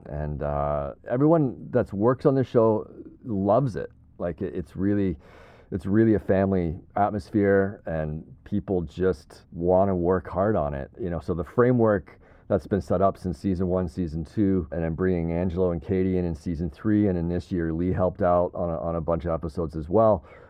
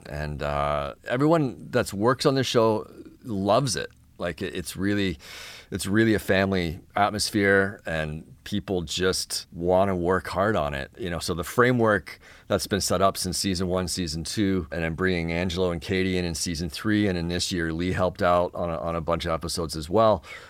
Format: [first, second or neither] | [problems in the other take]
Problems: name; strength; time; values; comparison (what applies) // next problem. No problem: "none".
second | muffled; very; fading above 2 kHz